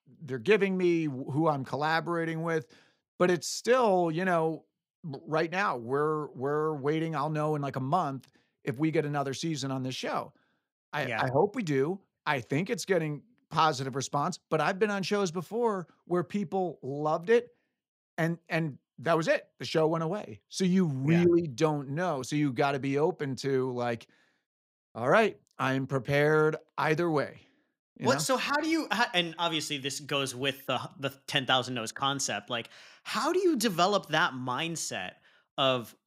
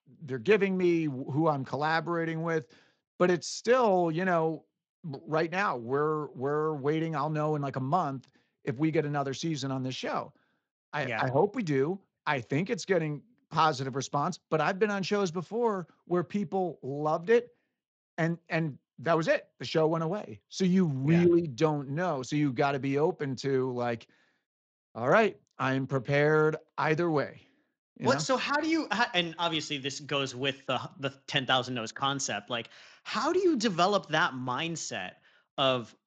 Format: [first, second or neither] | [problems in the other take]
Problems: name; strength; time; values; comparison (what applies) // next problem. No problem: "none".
first | garbled, watery; slightly; nothing above 7.5 kHz